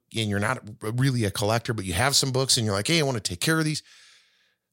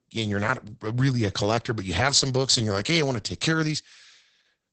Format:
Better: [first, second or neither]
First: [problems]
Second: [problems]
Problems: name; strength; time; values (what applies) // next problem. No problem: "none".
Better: first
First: none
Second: garbled, watery; badly; nothing above 8 kHz